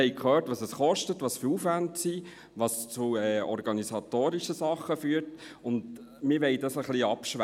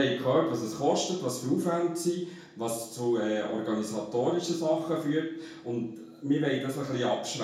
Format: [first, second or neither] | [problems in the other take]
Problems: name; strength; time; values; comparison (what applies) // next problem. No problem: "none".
first | room echo; dies away in 0.6 s